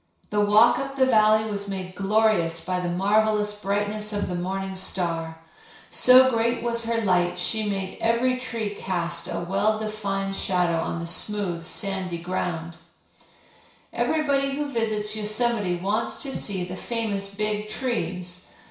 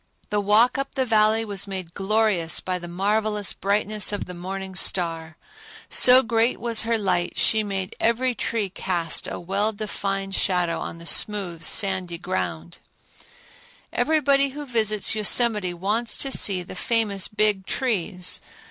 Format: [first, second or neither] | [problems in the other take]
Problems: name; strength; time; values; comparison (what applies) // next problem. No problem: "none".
second | room echo; dies away in 0.6 s